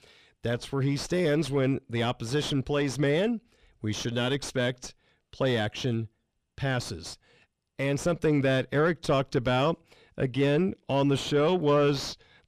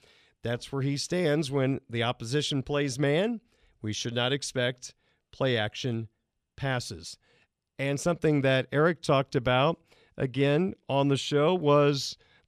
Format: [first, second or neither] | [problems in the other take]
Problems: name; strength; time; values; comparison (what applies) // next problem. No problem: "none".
second | distortion; slight; 9 dB below the speech